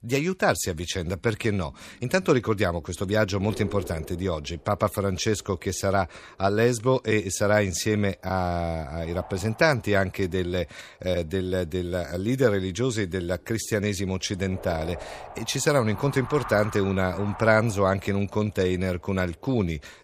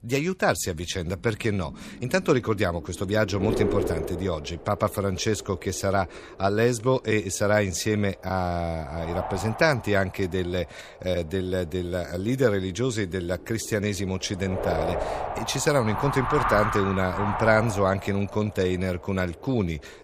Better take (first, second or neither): first